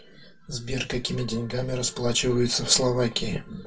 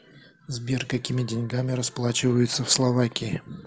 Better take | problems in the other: second | room echo; dies away in 0.1 s

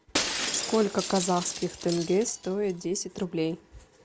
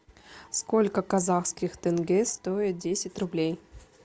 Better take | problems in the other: second | background sound (Shatter); 7 dB below the speech

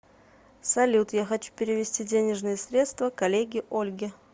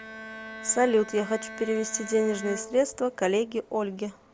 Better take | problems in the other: first | background sound (Bowed string instrument); 14 dB below the speech

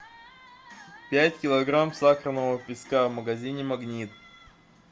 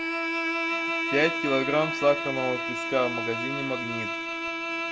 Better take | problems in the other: first | background sound (Bowed string instrument); 1 dB below the speech

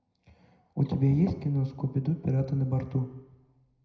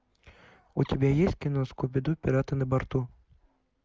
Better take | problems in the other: second | room echo; dies away in 0.7 s

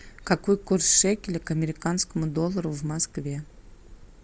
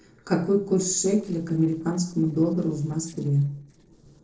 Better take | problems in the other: first | noise reduction (neural separator model SepFormer DNS4)

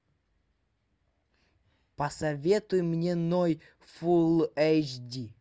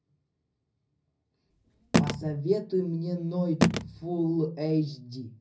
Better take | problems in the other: first | background sound (Telephone); 2 dB above the speech // room echo; dies away in 0.4 s

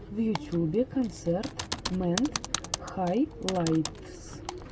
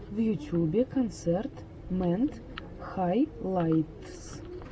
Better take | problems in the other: second | background sound (Typing); 9 dB below the speech

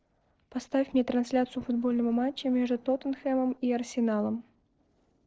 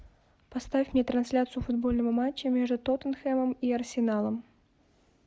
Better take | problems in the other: second | noise reduction (neural separator model SepFormer DNS4)

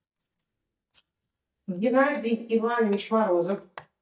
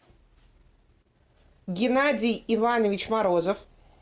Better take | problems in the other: second | noise reduction (neural mask model DeepFilterNet 3)

